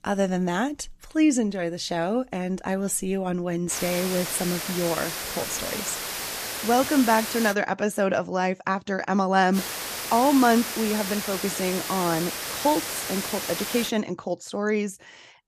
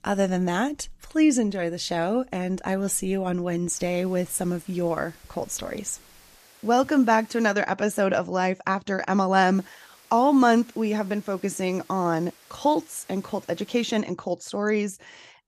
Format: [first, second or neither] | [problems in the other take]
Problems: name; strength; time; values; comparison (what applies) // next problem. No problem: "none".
second | hiss; loud; from 3.5 to 7.5 s and from 9.5 to 14 s; 5 dB below the speech; faint in the second